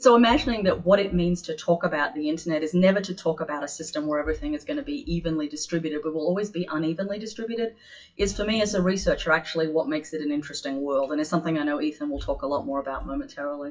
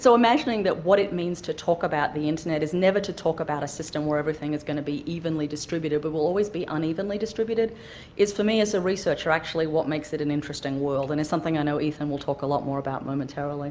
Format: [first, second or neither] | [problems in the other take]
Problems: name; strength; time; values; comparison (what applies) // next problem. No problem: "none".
second | noise reduction (classical method WPE with log-MMSE)